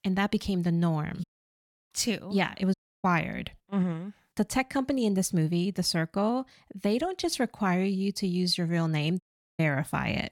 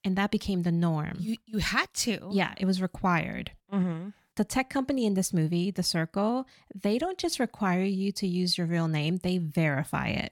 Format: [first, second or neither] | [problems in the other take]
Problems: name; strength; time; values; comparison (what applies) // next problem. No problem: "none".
second | audio cutting out; at 1 s for 0.5 s, at 2.5 s and at 9 s